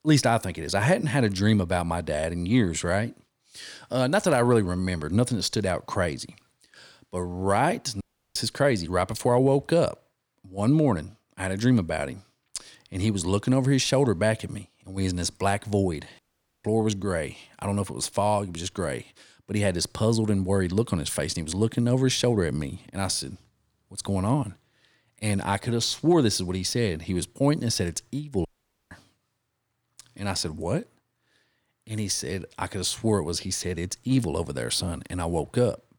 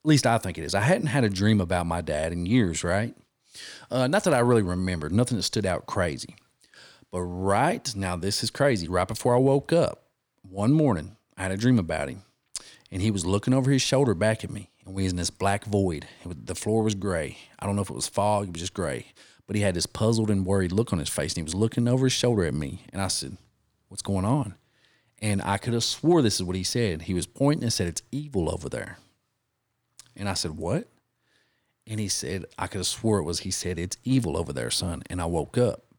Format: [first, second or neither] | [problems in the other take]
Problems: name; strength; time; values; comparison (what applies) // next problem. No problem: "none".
second | audio cutting out; at 8 s, at 16 s and at 28 s